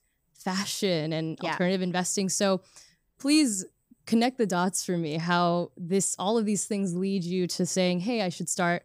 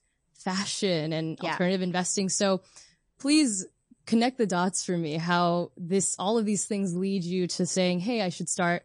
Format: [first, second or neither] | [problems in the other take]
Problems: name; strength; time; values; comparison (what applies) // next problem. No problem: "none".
first | garbled, watery; slightly; nothing above 8.5 kHz